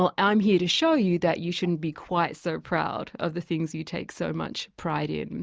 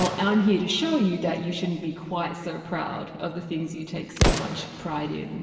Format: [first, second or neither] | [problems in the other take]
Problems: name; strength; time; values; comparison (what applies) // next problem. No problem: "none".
first | background sound (Explosion); 5 dB below the speech // room echo; dies away in 1.9 s